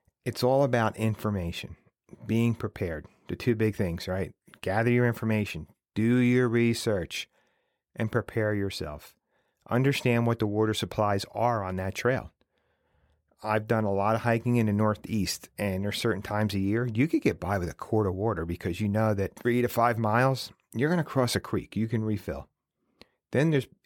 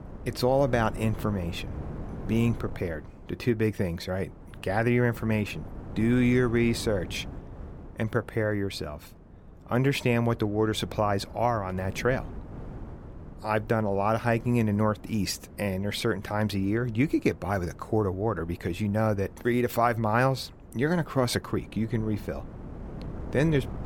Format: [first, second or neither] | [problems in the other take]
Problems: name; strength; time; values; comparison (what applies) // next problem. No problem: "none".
first | wind noise on the microphone; occasional gusts; 20 dB below the speech